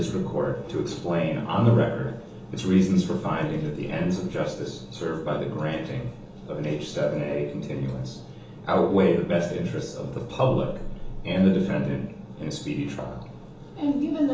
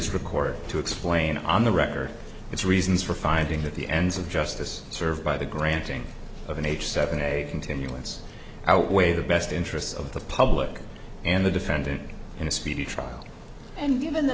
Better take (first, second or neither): second